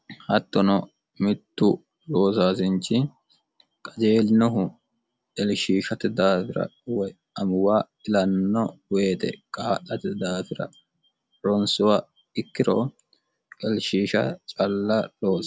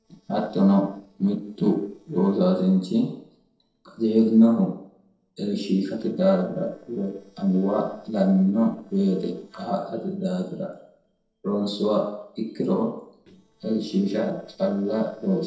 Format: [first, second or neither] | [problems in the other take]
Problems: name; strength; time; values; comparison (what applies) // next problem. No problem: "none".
first | noise reduction (neural separator model SepFormer DNS4)